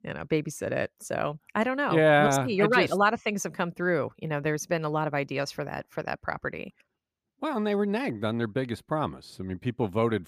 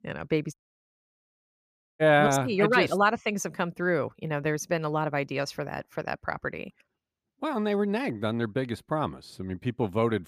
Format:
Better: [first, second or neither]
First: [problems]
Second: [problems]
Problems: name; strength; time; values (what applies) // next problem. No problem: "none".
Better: first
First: none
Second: audio cutting out; at 0.5 s for 1.5 s